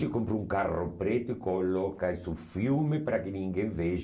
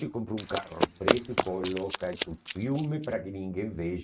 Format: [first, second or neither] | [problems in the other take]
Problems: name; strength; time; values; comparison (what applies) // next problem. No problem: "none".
first | noise reduction (neural mask model RNNoise)